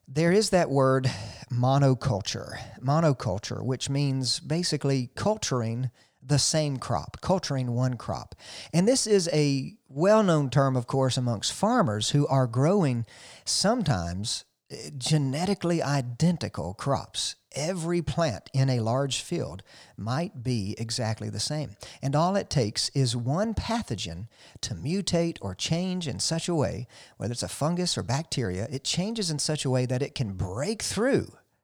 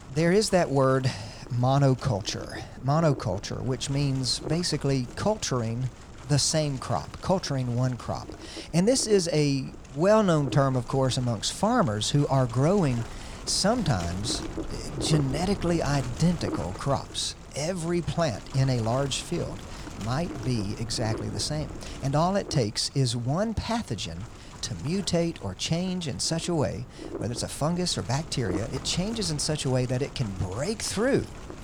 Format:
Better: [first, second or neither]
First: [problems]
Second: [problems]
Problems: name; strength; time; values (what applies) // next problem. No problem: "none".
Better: first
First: none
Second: wind noise on the microphone; occasional gusts; 15 dB below the speech